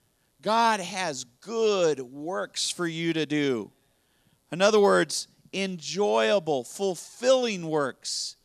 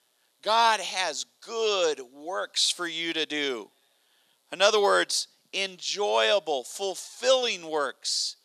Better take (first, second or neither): first